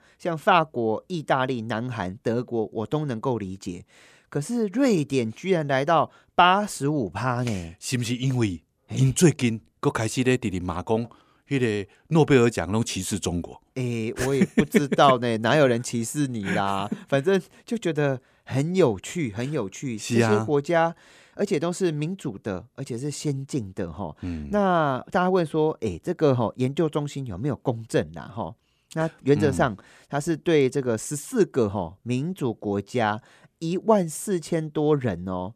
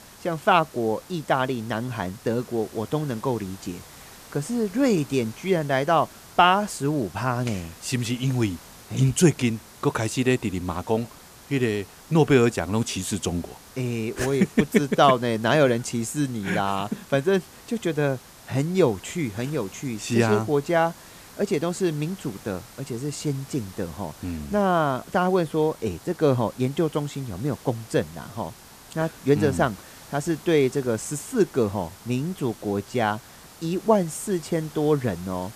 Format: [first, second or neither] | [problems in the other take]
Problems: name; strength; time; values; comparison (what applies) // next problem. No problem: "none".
first | hiss; faint; throughout; 20 dB below the speech